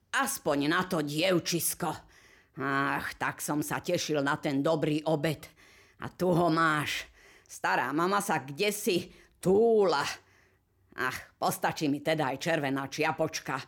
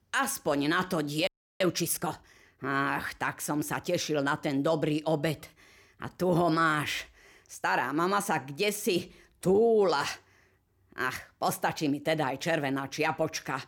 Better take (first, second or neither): first